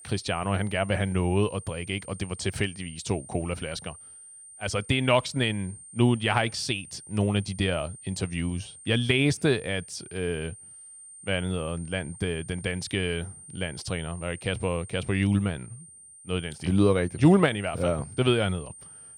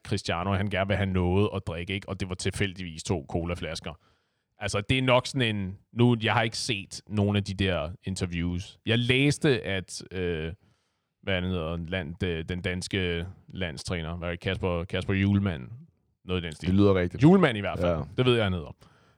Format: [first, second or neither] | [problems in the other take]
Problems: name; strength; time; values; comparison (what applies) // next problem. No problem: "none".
second | high-pitched whine; noticeable; throughout; 8.5 kHz, 15 dB below the speech